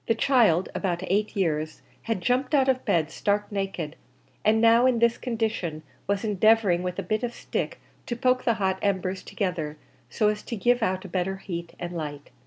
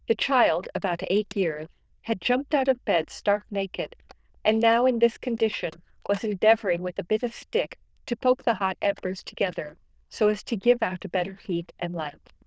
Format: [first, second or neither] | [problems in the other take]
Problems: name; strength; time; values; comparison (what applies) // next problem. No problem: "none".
first | noise reduction (neural diffusion model UNIVERSE++)